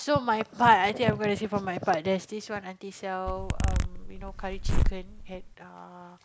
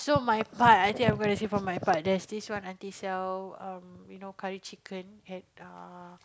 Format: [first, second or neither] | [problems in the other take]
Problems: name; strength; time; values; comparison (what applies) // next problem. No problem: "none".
second | background sound (Zipper (clothing)); 1 dB above the speech